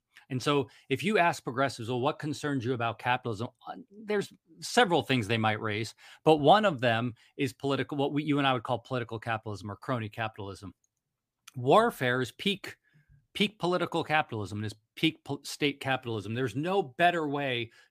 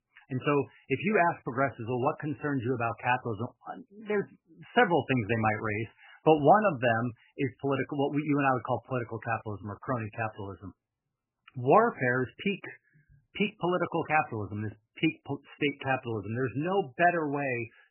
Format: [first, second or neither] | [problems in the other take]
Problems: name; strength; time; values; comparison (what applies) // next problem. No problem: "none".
first | garbled, watery; badly; nothing above 3 kHz